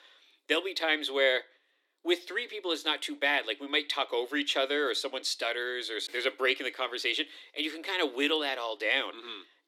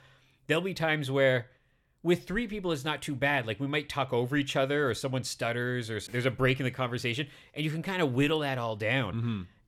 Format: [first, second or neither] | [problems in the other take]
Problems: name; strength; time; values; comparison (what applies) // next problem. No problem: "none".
second | thin; somewhat; fading below 300 Hz